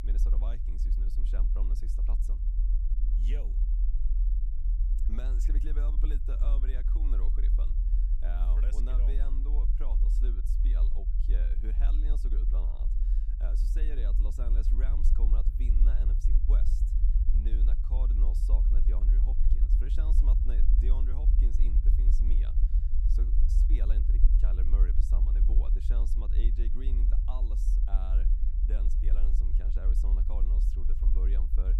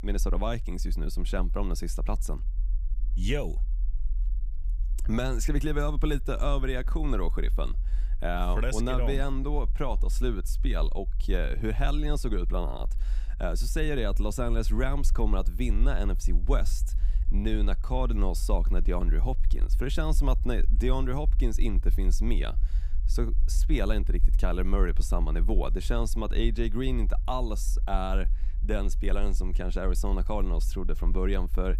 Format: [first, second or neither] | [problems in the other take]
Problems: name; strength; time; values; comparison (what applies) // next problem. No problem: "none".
second | low rumble; loud; throughout; 2 dB below the speech; faint in the second